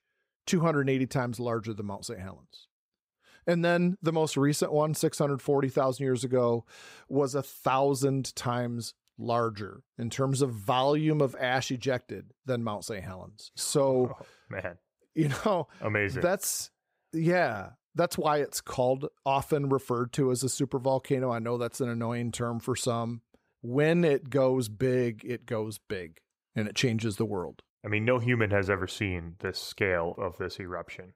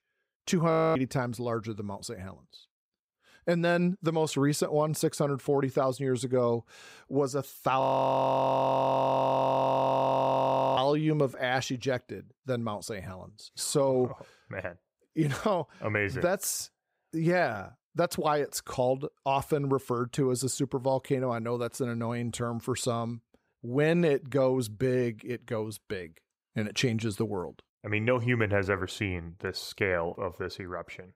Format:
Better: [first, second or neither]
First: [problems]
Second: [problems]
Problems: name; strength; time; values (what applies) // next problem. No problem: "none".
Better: first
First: none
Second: audio freezing; at 0.5 s and at 8 s for 3 s